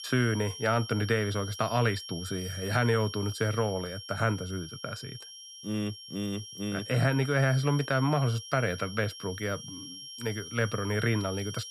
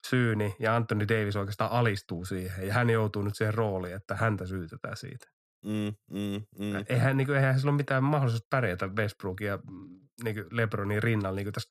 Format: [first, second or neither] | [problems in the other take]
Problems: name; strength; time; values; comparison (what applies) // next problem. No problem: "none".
second | high-pitched whine; noticeable; throughout; 5.5 kHz, 10 dB below the speech